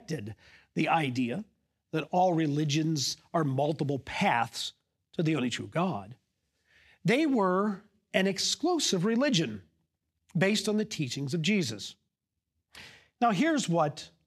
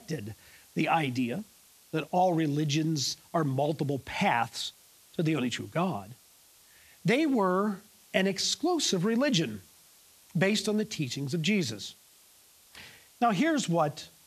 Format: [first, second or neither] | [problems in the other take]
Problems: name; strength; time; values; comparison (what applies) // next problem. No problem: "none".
first | hiss; faint; throughout; 25 dB below the speech